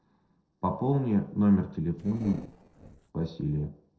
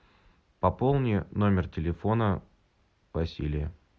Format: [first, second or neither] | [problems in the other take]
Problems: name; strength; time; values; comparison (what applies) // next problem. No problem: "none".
second | noise reduction (neural separator model SepFormer DNS4)